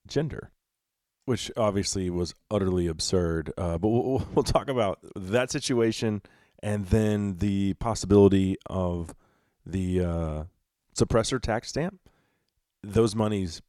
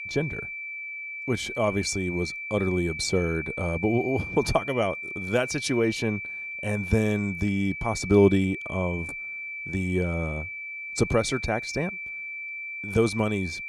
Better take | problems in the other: first | high-pitched whine; loud; throughout; 2.5 kHz, 7 dB below the speech

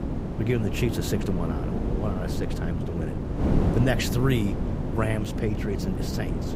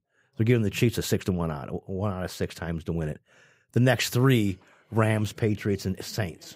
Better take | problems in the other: second | wind noise on the microphone; heavy; 3 dB below the speech

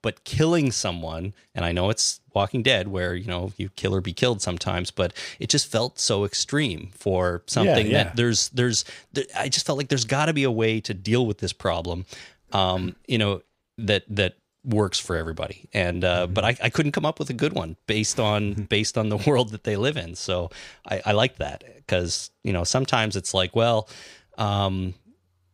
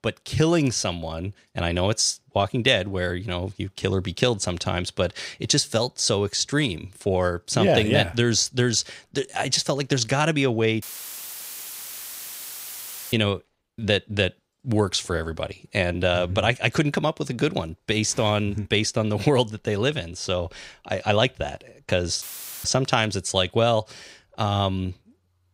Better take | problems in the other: first | audio cutting out; filled with static; at 11 s for 2.5 s and at 22 s

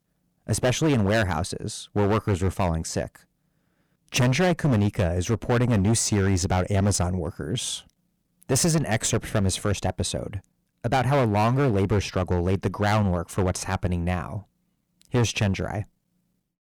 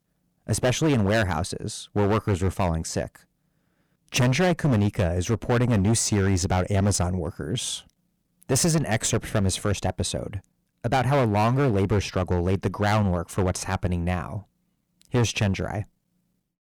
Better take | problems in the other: neither | distortion; heavy; 10% of the sound clipped; the same in both

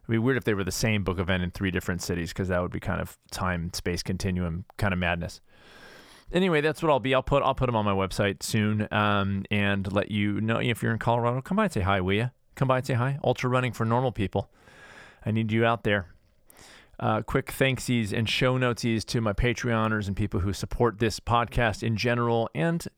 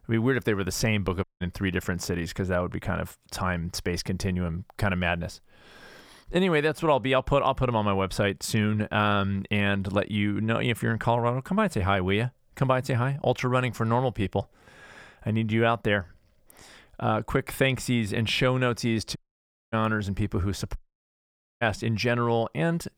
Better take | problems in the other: first | audio cutting out; at 1 s, at 19 s for 0.5 s and at 21 s for 1 s

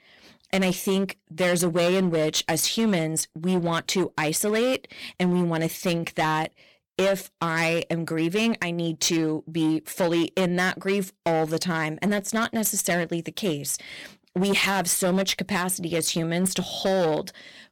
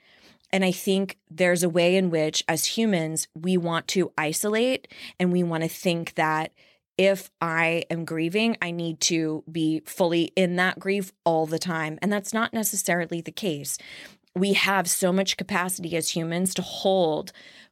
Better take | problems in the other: second | distortion; slight; 10% of the sound clipped

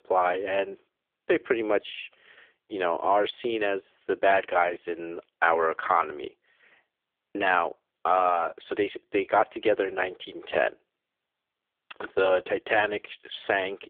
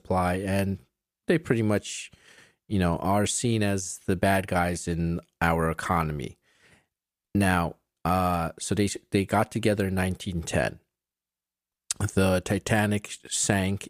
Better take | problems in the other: second | phone-call audio; poor line; nothing above 3.5 kHz

